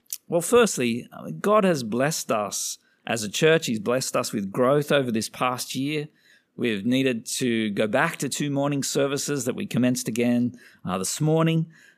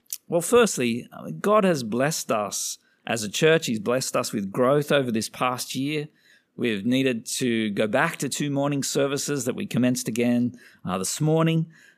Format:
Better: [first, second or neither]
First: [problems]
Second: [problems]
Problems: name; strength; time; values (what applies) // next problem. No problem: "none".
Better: neither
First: none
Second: none